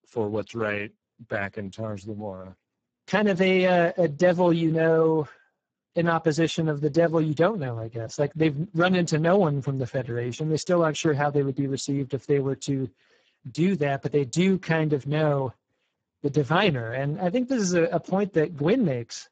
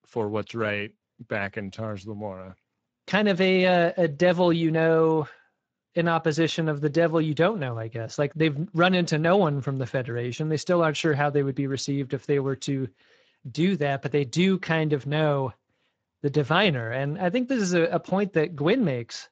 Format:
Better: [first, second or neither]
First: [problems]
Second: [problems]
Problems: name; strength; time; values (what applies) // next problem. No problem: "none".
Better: second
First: garbled, watery; badly; nothing above 7.5 kHz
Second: garbled, watery; slightly; nothing above 7.5 kHz